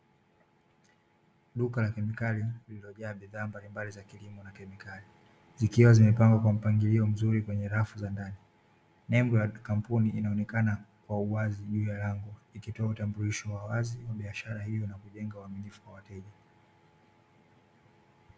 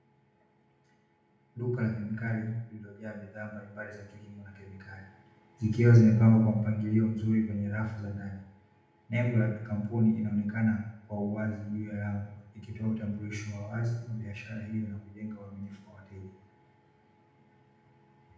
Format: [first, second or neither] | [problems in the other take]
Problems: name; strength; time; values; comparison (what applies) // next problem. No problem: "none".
first | room echo; dies away in 0.8 s